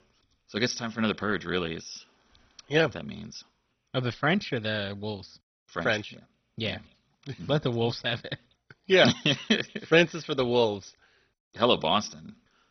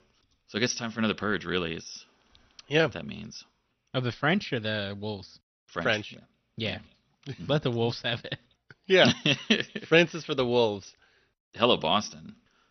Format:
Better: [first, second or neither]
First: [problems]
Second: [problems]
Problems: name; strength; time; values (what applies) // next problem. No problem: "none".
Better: second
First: garbled, watery; badly; nothing above 6 kHz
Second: garbled, watery; slightly; nothing above 6 kHz